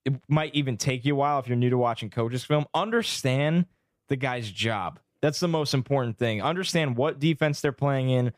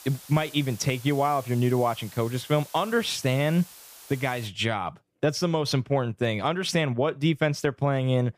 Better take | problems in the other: first | hiss; noticeable; until 4.5 s; 20 dB below the speech

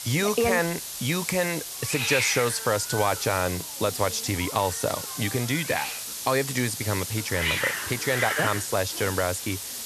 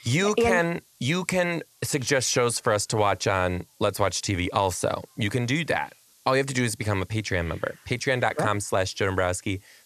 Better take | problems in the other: second | hiss; loud; throughout; 3 dB below the speech; faint in the second

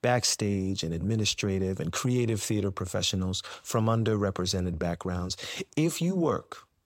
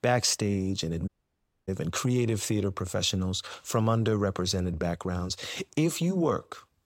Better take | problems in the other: first | audio cutting out; at 1 s for 0.5 s

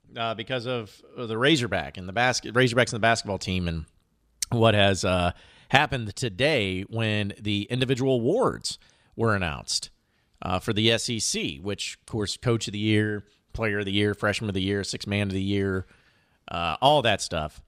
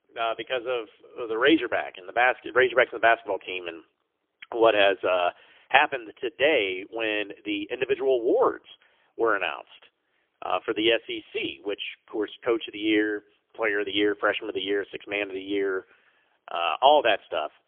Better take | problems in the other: first | phone-call audio; poor line; nothing above 3.5 kHz

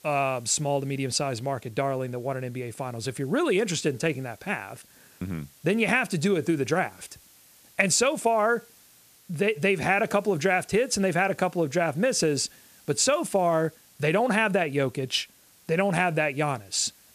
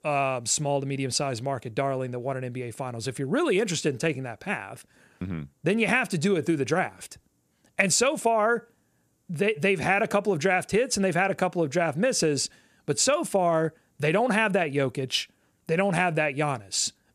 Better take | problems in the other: second | hiss; faint; throughout; 30 dB below the speech

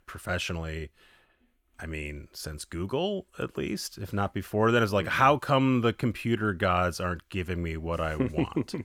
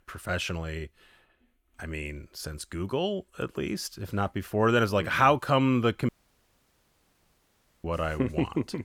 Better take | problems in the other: first | audio cutting out; at 6 s for 2 s

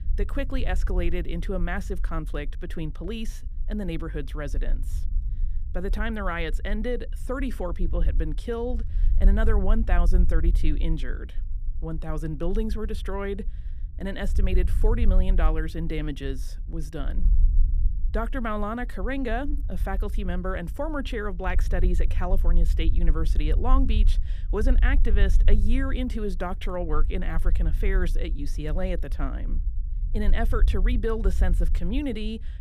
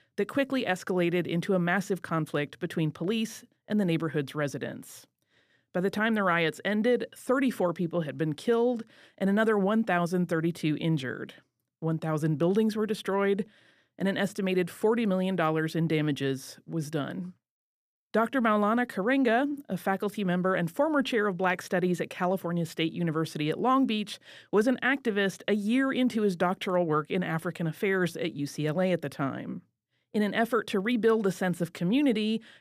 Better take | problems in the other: second | low rumble; noticeable; throughout; 20 dB below the speech

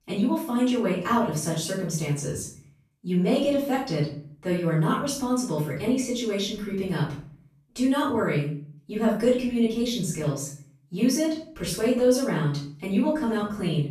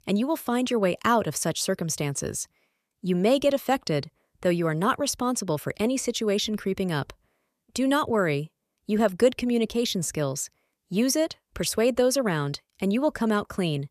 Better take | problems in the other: second | off-mic speech; far // room echo; noticeable; dies away in 0.4 s

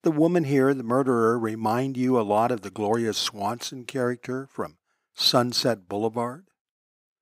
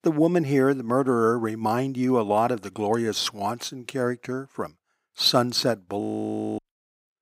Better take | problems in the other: first | audio freezing; at 6 s for 0.5 s

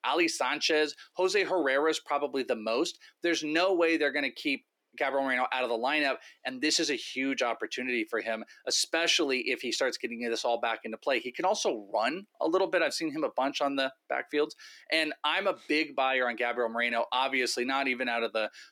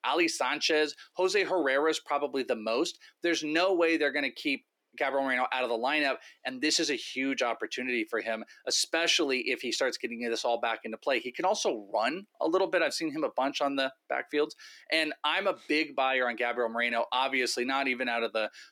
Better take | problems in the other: neither | thin; somewhat; fading below 300 Hz; the same in both

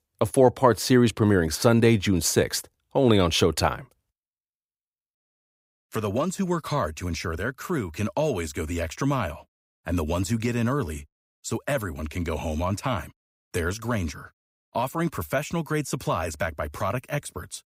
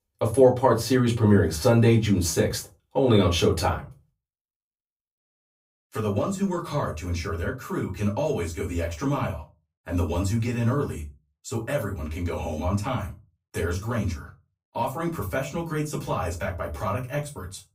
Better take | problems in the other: first | off-mic speech; far // room echo; very slight; dies away in 0.2 s

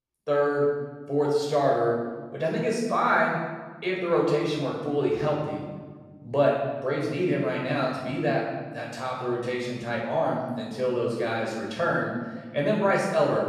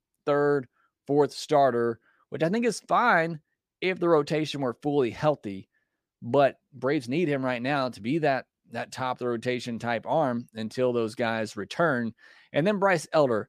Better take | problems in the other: second | off-mic speech; far // room echo; noticeable; dies away in 1.1 s

